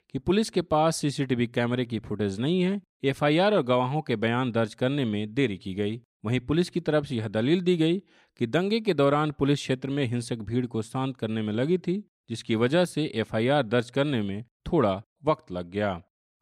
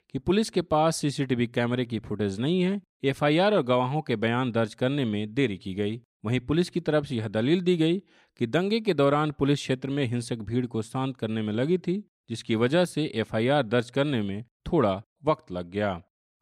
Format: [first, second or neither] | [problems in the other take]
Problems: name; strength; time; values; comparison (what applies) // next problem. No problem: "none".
neither | none